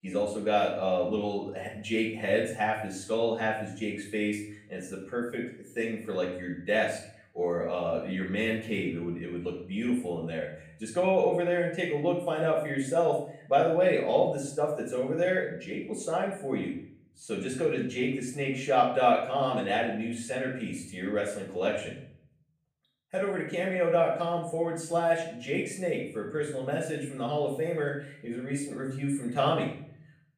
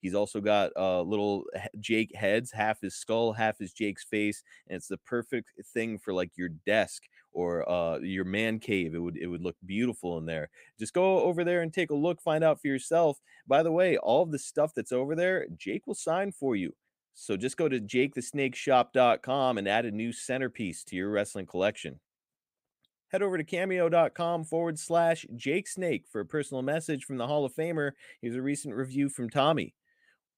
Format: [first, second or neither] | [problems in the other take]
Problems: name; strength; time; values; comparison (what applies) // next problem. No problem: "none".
second | room echo; noticeable; dies away in 0.5 s // off-mic speech; far